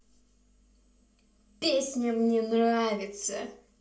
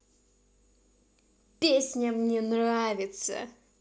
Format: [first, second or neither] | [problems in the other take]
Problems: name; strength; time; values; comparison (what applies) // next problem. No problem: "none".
second | room echo; dies away in 0.3 s